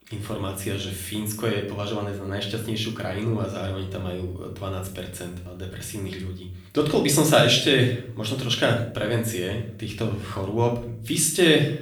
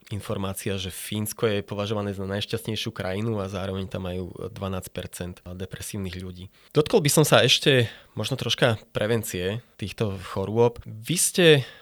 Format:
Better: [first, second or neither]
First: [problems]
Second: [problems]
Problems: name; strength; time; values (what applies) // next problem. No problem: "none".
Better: second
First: room echo; slight; dies away in 0.6 s // off-mic speech; far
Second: none